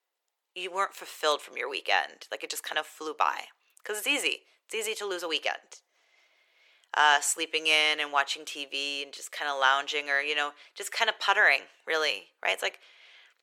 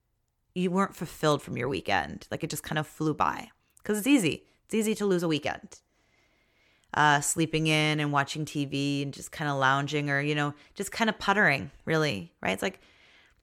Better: second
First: thin; very; fading below 450 Hz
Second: none

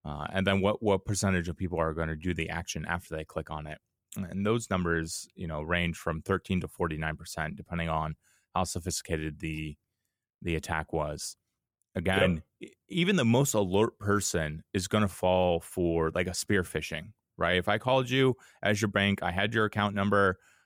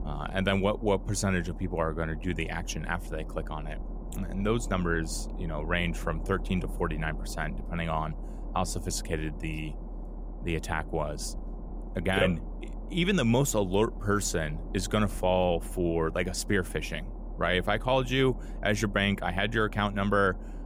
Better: first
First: none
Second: low rumble; noticeable; throughout; 20 dB below the speech

